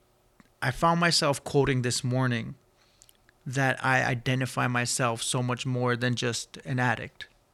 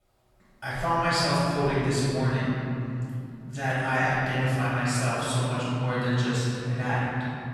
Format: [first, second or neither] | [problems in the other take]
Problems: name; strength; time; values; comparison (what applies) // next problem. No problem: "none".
first | off-mic speech; far // room echo; strong; dies away in 3 s